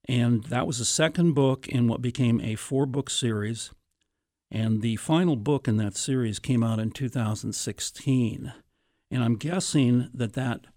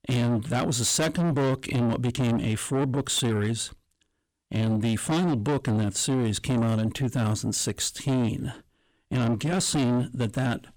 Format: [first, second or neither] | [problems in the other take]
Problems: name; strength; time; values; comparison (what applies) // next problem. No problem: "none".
first | distortion; heavy; 8 dB below the speech